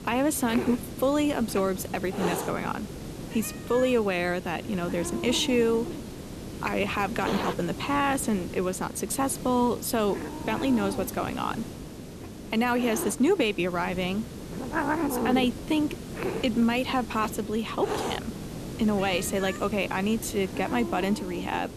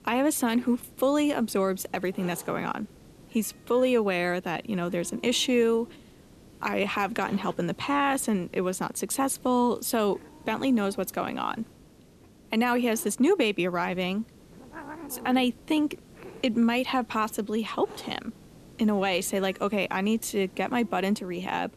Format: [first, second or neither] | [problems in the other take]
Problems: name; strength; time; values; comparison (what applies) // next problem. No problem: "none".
second | hiss; loud; throughout; 8 dB below the speech; faint in the second